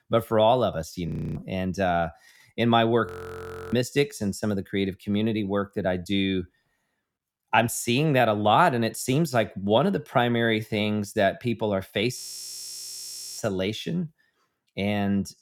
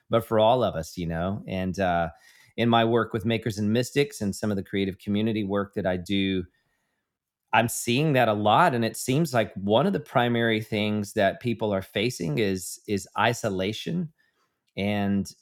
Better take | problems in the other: second | audio freezing; at 1 s, at 3 s for 0.5 s and at 12 s for 1 s

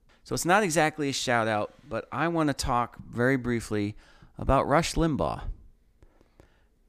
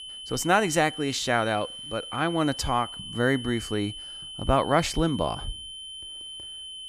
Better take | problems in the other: first | high-pitched whine; noticeable; throughout; 3 kHz, 10 dB below the speech

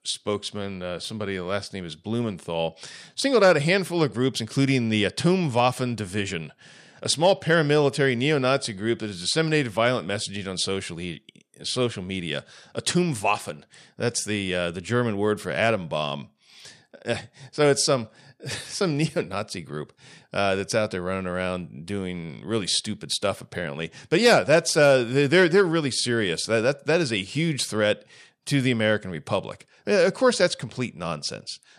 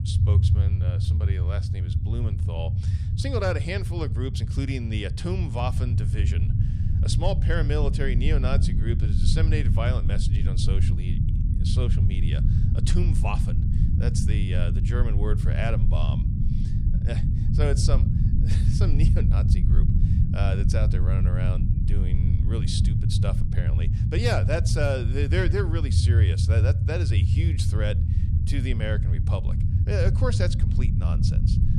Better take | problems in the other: first | low rumble; loud; throughout; 4 dB below the speech

